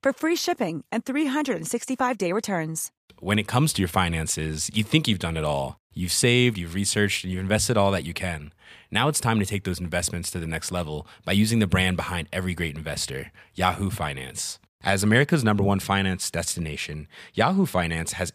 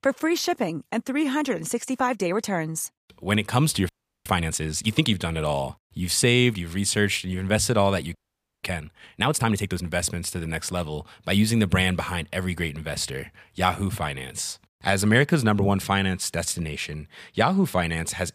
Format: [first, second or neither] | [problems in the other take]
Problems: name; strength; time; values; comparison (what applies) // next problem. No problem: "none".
first | audio freezing; at 4 s and at 8 s